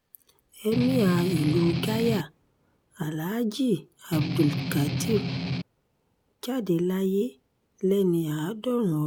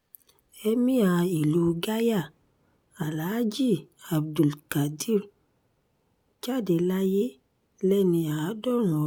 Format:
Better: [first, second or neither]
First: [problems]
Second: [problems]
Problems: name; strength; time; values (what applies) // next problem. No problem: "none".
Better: second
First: background sound (Strum); 2 dB below the speech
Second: none